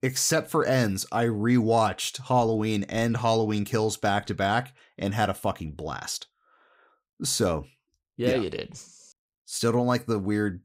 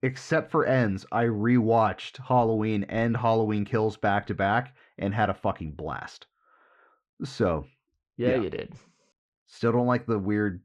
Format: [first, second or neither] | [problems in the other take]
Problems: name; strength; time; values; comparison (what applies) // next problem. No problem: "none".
first | muffled; very; fading above 2 kHz